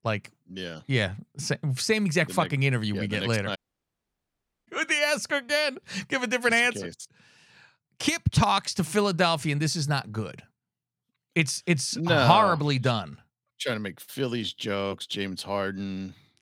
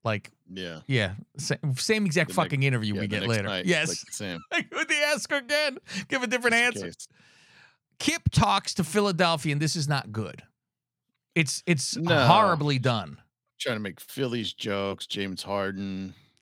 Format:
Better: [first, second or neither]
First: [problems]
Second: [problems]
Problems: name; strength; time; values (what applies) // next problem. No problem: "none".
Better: second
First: audio cutting out; at 3.5 s for 1 s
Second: none